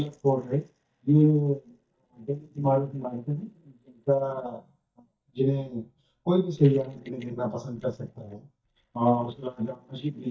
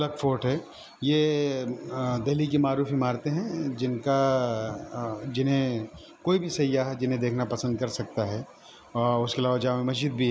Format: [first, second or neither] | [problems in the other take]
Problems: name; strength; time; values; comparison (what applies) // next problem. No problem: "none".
second | noise reduction (neural mask model DeepFilterNet 3)